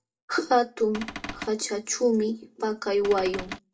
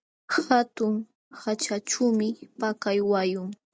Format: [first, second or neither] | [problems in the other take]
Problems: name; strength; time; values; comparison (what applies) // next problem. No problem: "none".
second | background sound (Cupboard open or close / Door); 10 dB below the speech // room echo; dies away in 0.2 s